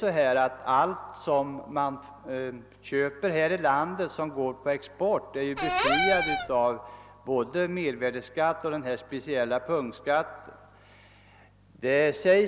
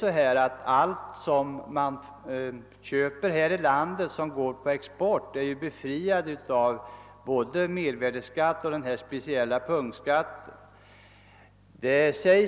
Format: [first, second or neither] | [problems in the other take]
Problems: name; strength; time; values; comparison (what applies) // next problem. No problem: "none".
second | background sound (Cupboard open or close / Door); as loud as the speech